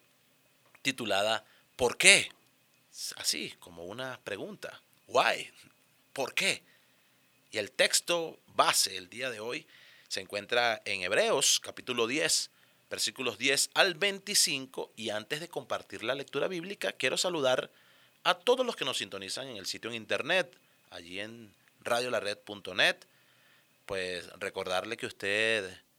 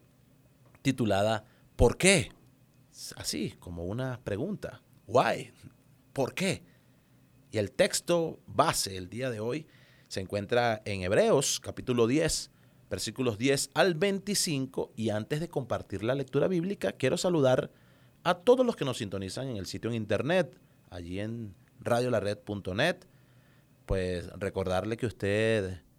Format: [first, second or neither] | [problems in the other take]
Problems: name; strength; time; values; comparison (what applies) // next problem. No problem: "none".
second | thin; somewhat; fading below 1 kHz